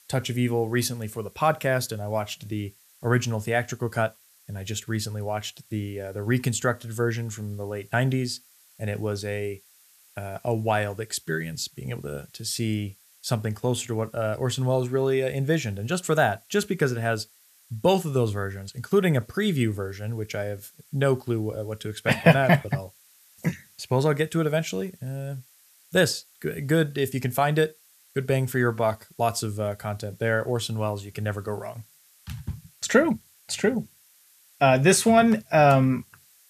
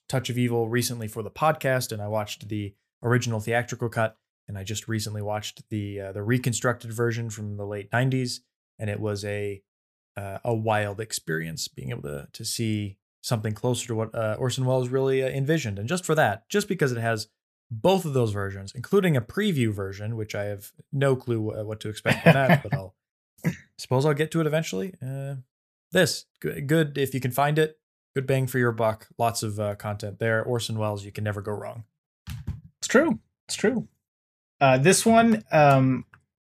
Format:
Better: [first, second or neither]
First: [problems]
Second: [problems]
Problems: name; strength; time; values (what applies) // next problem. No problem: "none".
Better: second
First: hiss; faint; throughout; 30 dB below the speech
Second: none